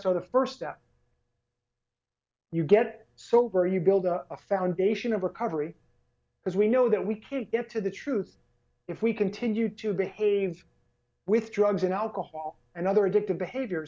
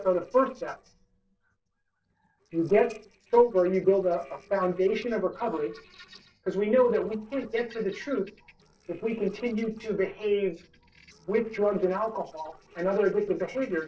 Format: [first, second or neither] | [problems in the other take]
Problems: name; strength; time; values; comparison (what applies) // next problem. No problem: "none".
first | noise reduction (neural separator model SepFormer DNS4)